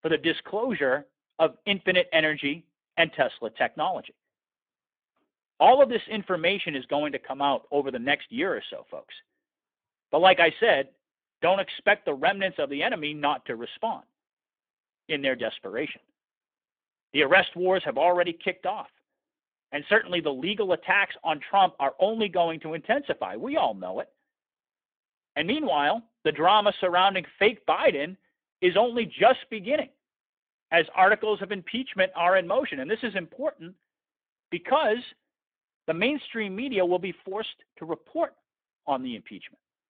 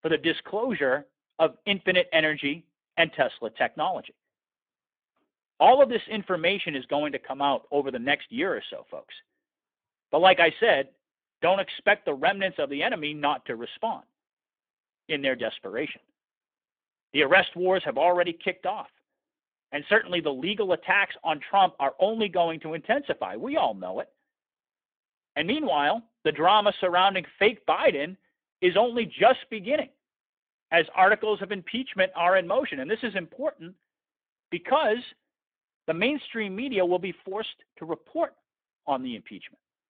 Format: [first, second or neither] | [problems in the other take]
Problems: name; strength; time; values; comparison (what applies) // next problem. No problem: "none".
neither | phone-call audio; nothing above 3.5 kHz; the same in both